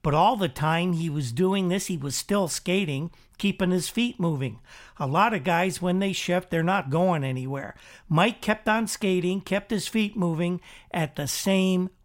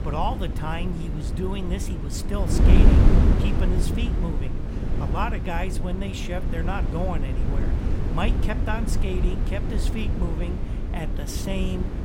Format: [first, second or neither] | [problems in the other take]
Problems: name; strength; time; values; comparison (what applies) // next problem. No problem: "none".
first | wind noise on the microphone; heavy; 2 dB below the speech